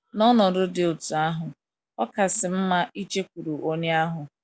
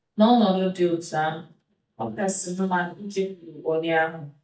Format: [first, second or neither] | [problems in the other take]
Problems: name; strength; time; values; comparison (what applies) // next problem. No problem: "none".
first | noise reduction (neural mask model DeepFilterNet 3)